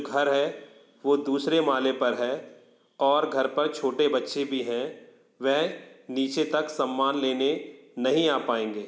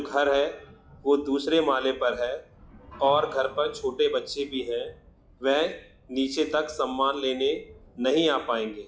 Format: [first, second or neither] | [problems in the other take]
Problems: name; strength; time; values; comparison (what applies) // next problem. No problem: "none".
first | noise reduction (classical method log-MMSE)